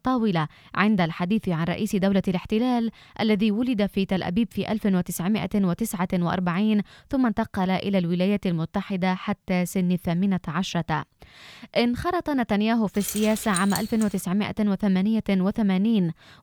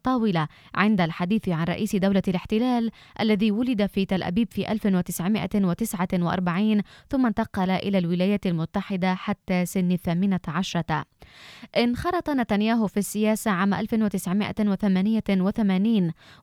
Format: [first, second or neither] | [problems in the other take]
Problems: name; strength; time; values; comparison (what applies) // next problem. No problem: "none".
second | jangling keys; noticeable; from 13 to 14 s; peak 6 dB below the speech